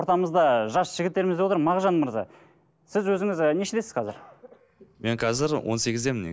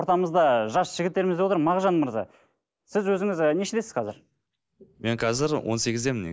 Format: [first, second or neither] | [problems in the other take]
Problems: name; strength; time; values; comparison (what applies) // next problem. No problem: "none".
first | noise reduction (neural mask model Resemble Enhance denoiser)